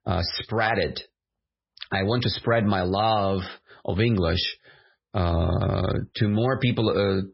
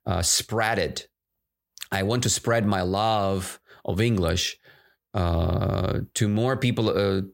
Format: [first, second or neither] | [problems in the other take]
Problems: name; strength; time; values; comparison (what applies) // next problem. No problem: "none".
second | garbled, watery; badly; nothing above 5.5 kHz